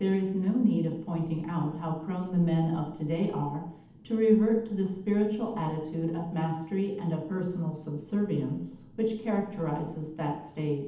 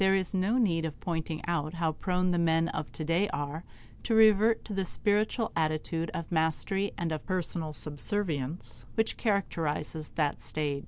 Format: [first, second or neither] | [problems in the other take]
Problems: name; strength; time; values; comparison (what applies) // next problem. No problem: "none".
second | room echo; dies away in 0.8 s